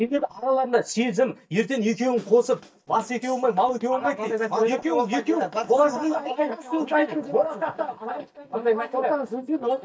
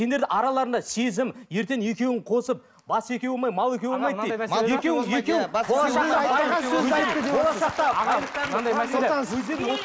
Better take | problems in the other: second | noise reduction (neural mask model DeepFilterNet 3)

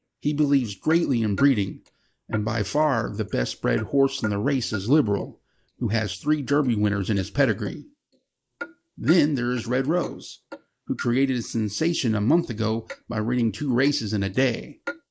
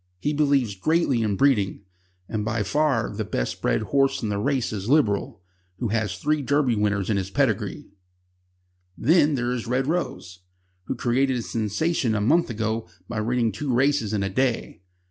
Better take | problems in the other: second | noise reduction (neural mask model Resemble Enhance denoiser)

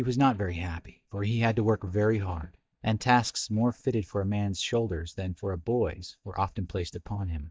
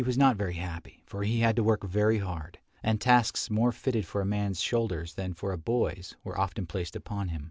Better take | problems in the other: second | noise reduction (neural mask model DeepFilterNet 3)

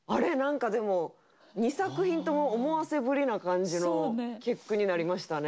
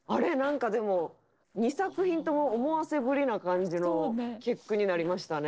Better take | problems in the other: first | noise reduction (neural separator model SepFormer DNS4)

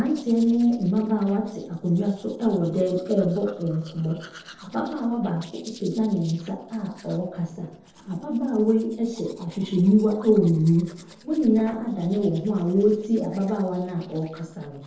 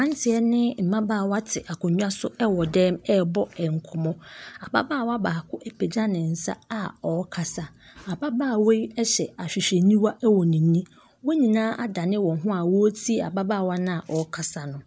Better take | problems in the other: second | noise reduction (neural separator model SepFormer DNS4)

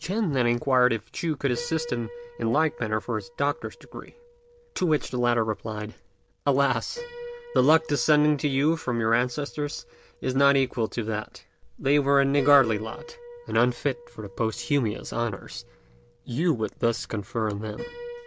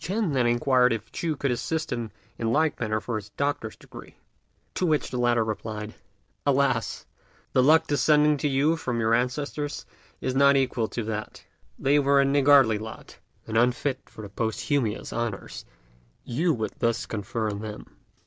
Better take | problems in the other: second | background sound (Piano); 18 dB below the speech

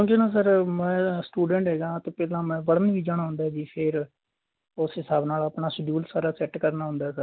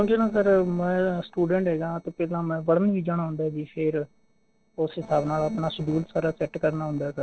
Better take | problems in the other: first | noise reduction (neural separator model SepFormer DNS4)

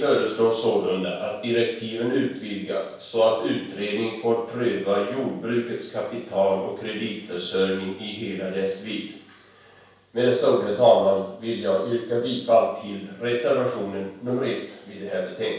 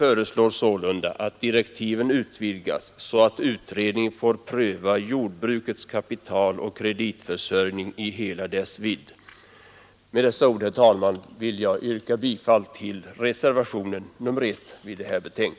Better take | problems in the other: second | room echo; dies away in 0.7 s

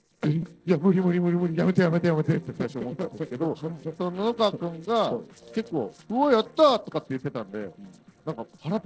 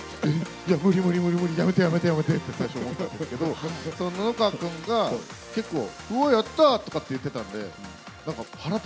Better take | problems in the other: second | noise reduction (neural separator model SepFormer DNS4)

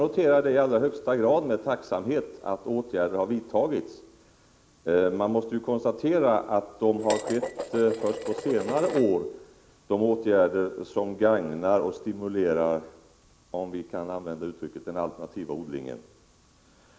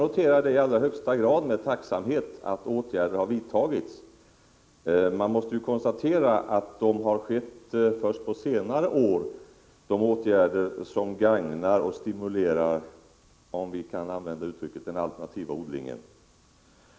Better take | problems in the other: second | background sound (Dishes, pots, and pans); 9 dB below the speech

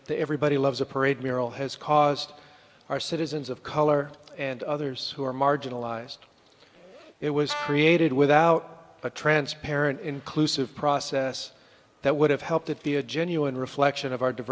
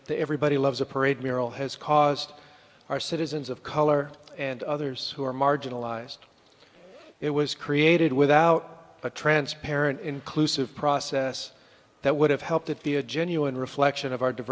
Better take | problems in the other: second | background sound (Brass instrument); 11 dB below the speech

